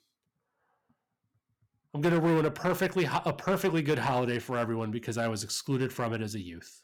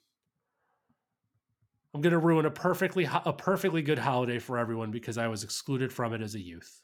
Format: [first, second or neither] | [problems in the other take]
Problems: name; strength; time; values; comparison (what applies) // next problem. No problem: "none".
second | distortion; slight; 4% of the sound clipped